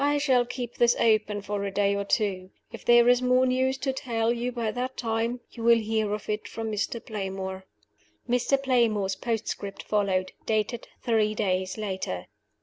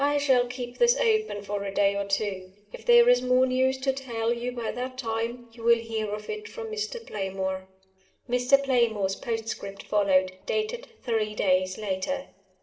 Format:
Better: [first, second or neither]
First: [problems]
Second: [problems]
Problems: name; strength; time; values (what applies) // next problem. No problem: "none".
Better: first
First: none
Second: room echo; dies away in 0.6 s